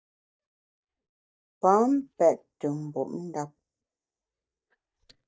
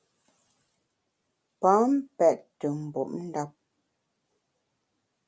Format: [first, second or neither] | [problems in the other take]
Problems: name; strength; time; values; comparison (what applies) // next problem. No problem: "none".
second | noise reduction (neural mask model DeepFilterNet 3)